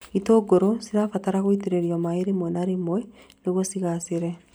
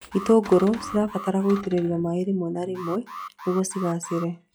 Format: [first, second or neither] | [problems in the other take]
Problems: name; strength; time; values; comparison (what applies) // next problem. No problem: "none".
first | noise reduction (classical method log-MMSE)